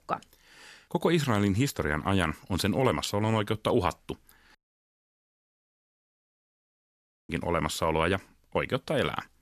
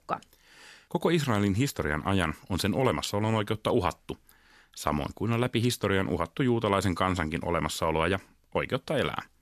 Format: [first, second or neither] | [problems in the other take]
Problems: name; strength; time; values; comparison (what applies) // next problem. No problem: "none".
second | audio cutting out; at 4.5 s for 2.5 s